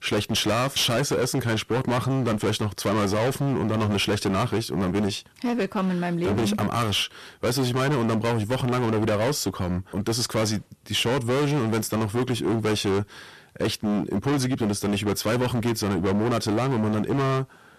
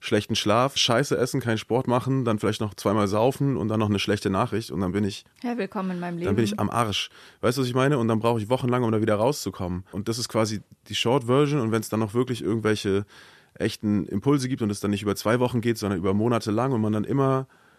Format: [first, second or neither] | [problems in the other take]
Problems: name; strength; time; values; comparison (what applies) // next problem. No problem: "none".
second | distortion; heavy; 27% of the sound clipped